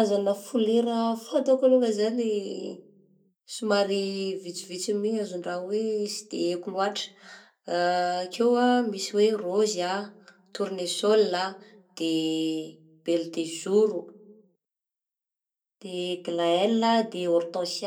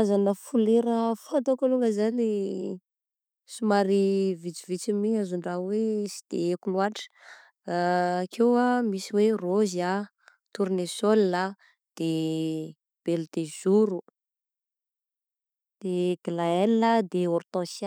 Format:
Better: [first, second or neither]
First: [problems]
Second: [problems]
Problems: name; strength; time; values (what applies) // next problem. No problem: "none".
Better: second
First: room echo; dies away in 0.2 s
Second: none